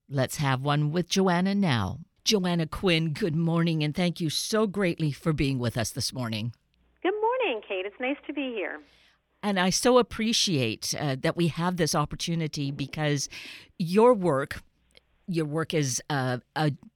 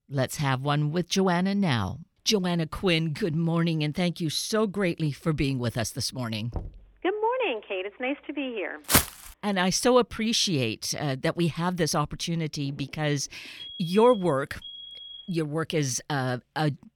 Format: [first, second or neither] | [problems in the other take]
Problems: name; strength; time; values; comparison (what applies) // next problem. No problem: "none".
first | door banging; faint; at 6.5 s; peak 10 dB below the speech // footsteps; loud; at 9 s; peak 5 dB above the speech // alarm; faint; from 14 to 15 s; peak 10 dB below the speech